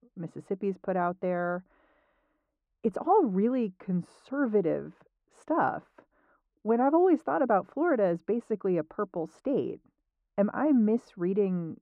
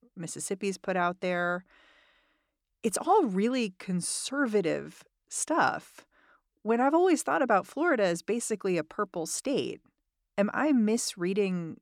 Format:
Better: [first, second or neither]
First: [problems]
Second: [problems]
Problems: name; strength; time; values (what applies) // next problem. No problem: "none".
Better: second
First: muffled; very; fading above 2.5 kHz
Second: none